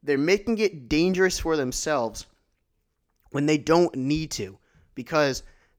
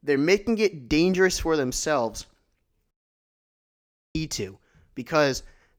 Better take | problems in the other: first | audio cutting out; at 3 s for 1 s

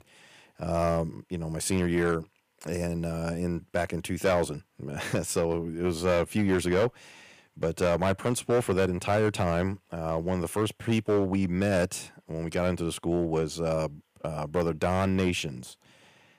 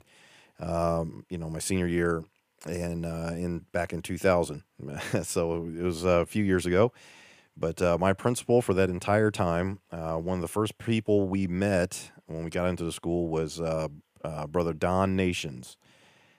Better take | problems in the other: second | distortion; slight; 4% of the sound clipped

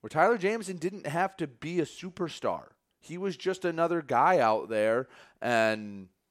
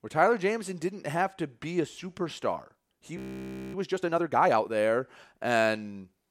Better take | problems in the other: first | audio freezing; at 3 s for 0.5 s

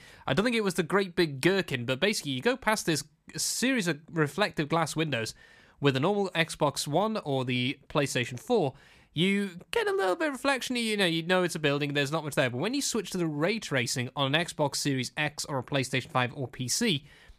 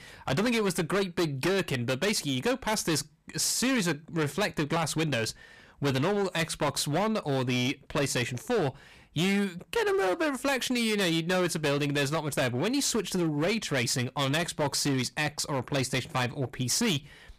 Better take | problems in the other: first | distortion; heavy; 15% of the sound clipped

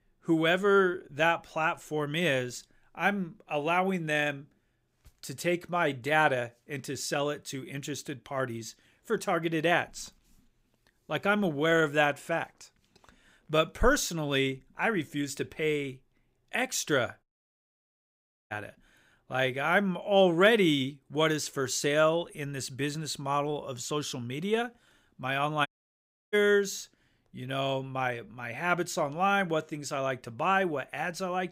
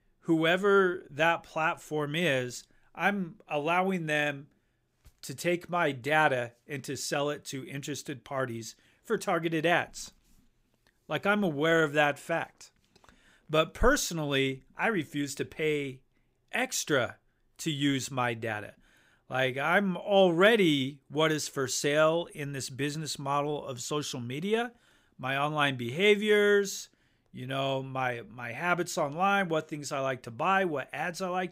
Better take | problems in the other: second | audio cutting out; at 17 s for 1.5 s and at 26 s for 0.5 s

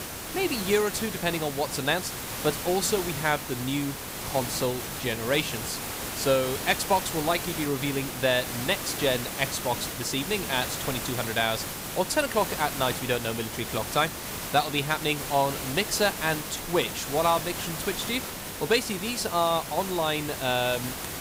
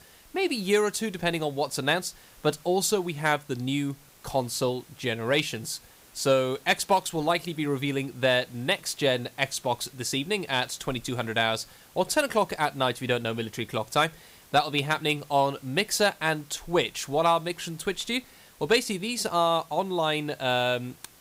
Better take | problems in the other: second | hiss; loud; throughout; 5 dB below the speech; faint in the second

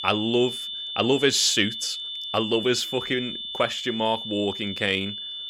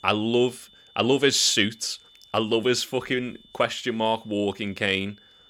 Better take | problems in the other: second | high-pitched whine; loud; throughout; 3.5 kHz, 6 dB below the speech; faint in the second

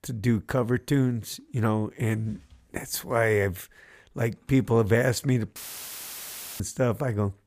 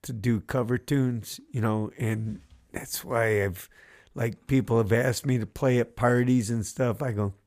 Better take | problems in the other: second | audio cutting out; filled with static; at 5.5 s for 1 s

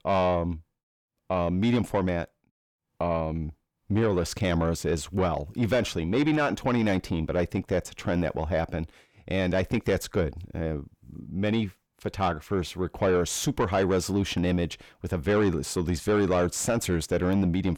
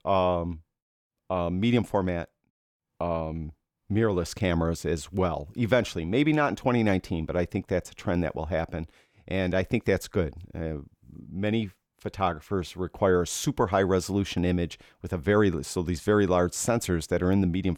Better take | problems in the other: second | distortion; slight; 10 dB below the speech

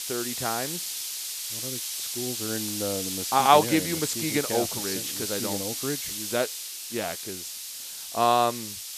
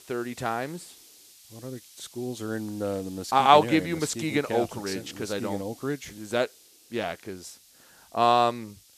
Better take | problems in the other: second | hiss; loud; throughout; 3 dB below the speech; faint in the second

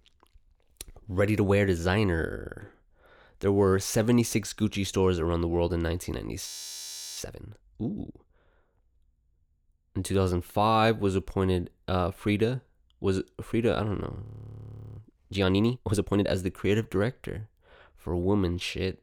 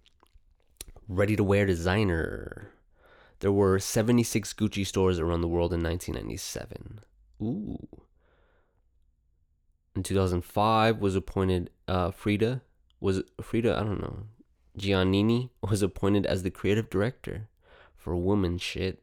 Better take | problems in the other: second | audio freezing; at 6.5 s for 0.5 s and at 14 s for 0.5 s

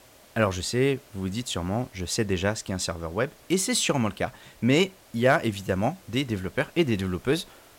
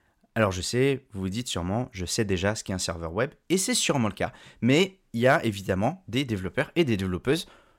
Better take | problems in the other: second | hiss; faint; throughout; 25 dB below the speech

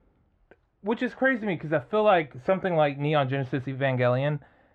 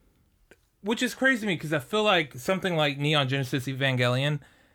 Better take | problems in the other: second | muffled; very; fading above 2 kHz

